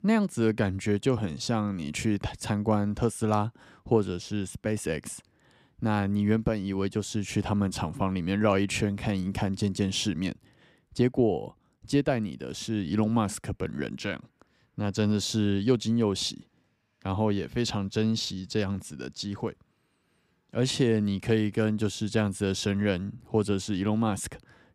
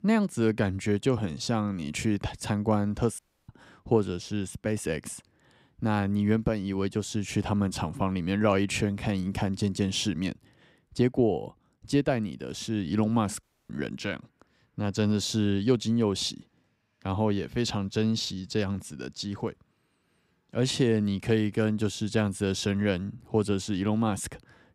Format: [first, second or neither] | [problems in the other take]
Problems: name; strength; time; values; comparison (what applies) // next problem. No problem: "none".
first | audio cutting out; at 3 s and at 13 s